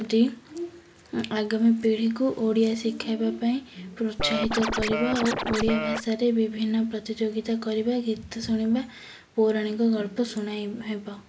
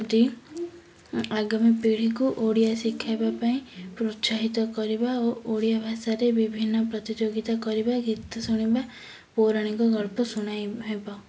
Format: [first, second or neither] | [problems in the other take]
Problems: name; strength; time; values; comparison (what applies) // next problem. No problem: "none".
second | background sound (Scratching (performance technique)); 3 dB below the speech